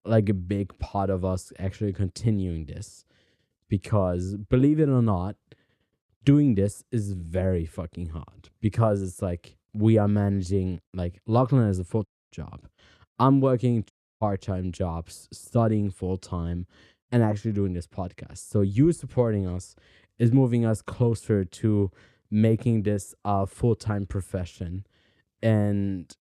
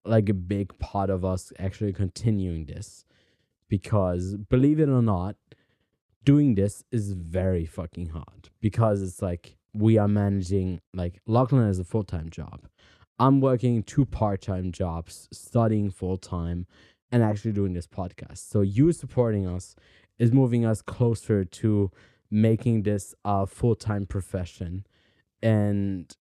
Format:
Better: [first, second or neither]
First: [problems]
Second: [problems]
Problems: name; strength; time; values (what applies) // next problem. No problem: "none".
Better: second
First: audio cutting out; at 12 s and at 14 s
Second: none